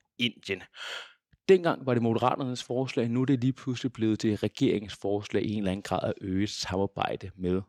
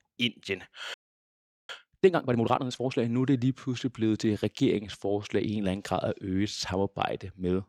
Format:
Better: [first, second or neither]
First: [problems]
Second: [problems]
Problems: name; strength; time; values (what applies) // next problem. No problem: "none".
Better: first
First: none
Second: audio freezing; at 1 s for 1 s